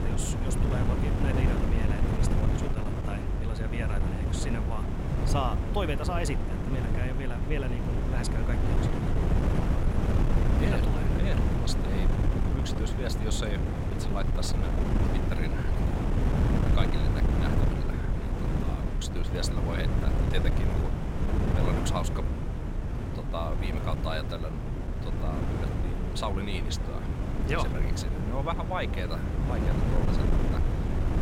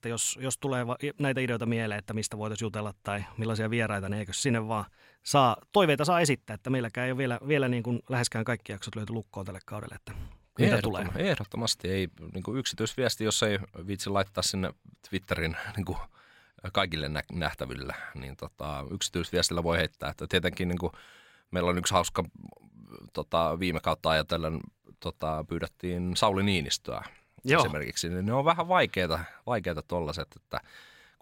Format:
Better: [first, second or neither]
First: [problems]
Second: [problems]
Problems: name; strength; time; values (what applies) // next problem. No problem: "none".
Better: second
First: wind noise on the microphone; heavy; as loud as the speech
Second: none